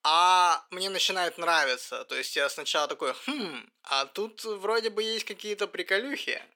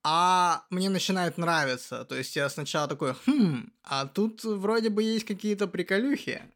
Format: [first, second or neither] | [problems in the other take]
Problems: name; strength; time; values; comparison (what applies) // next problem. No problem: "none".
second | thin; very; fading below 450 Hz